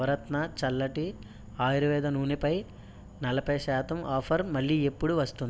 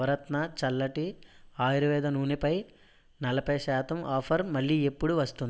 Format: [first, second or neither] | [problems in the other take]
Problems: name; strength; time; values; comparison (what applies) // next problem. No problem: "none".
second | background sound (Insect / Frog); 17 dB below the speech